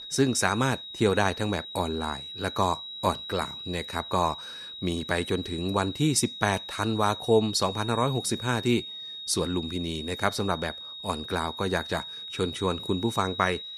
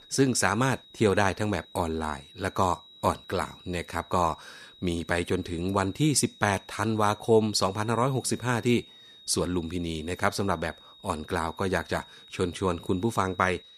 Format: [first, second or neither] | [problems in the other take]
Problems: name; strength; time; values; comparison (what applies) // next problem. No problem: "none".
second | high-pitched whine; loud; throughout; 4 kHz, 9 dB below the speech; faint in the second